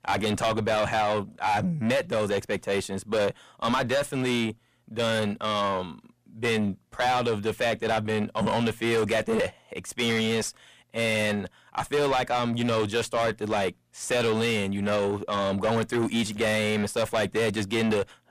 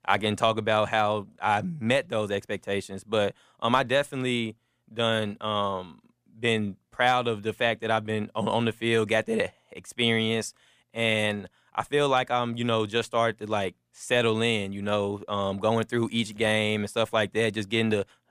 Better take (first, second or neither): second